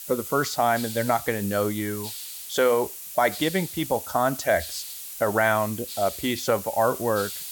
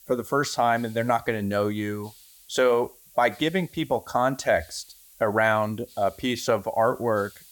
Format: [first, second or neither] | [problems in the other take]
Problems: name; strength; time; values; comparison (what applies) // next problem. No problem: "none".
second | hiss; loud; throughout; 9 dB below the speech; faint in the second